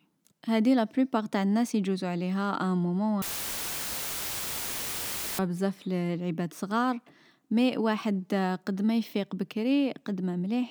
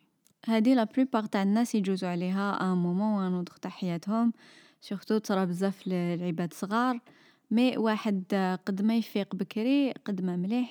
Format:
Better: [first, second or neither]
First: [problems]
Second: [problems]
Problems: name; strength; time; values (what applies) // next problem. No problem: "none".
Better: second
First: audio cutting out; filled with static; at 3 s for 2 s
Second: none